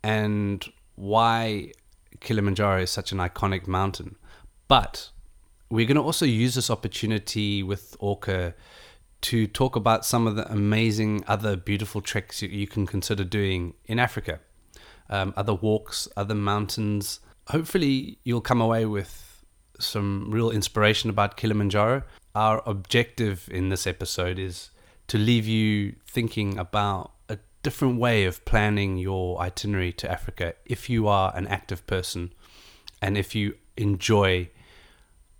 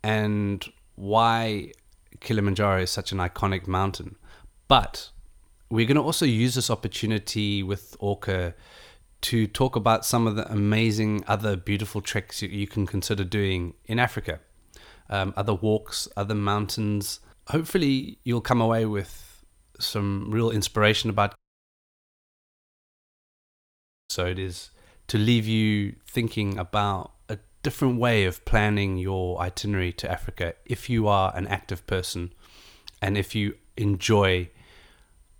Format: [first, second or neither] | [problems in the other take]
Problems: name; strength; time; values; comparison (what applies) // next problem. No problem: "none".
first | audio cutting out; at 21 s for 2.5 s